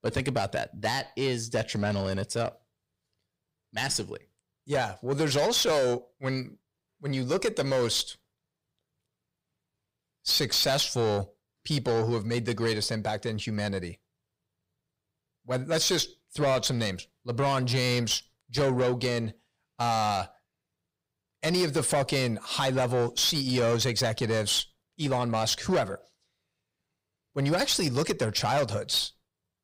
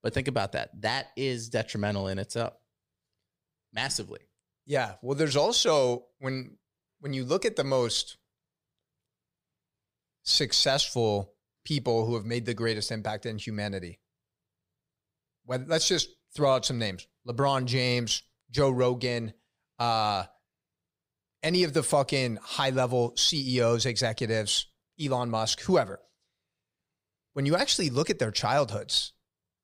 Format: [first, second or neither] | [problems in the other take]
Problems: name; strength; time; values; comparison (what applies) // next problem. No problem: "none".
second | distortion; slight; 10 dB below the speech